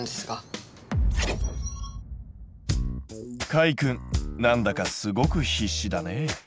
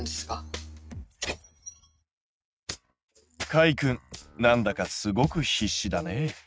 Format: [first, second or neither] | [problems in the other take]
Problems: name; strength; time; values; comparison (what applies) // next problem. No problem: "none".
first | noise reduction (neural mask model RNNoise)